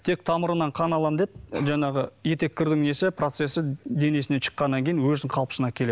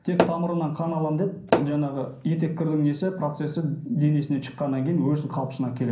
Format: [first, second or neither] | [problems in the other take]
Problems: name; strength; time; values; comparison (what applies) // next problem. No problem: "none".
first | background sound (Tap / Hammer); 3 dB below the speech // room echo; dies away in 0.6 s